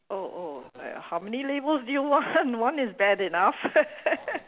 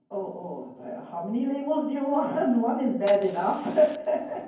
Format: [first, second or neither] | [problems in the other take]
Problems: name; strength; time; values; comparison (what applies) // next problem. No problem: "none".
first | background sound (Fire); 20 dB below the speech // room echo; dies away in 0.9 s